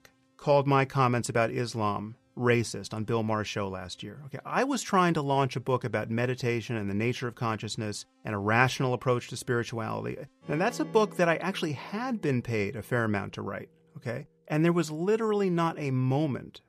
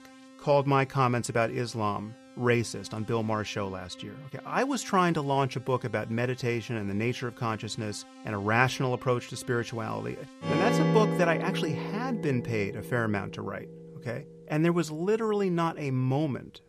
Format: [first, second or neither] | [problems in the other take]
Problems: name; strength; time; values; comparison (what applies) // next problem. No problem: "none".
first | background music; loud; throughout; 5 dB below the speech; faint in the first